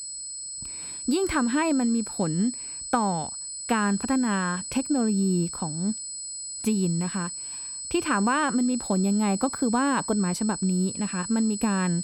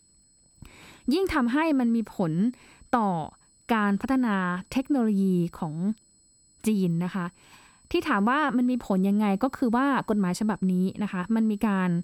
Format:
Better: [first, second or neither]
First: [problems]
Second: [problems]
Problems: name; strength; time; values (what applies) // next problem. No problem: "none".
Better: second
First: high-pitched whine; loud; throughout; 8 kHz, 7 dB below the speech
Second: high-pitched whine; faint; throughout; 8 kHz, 35 dB below the speech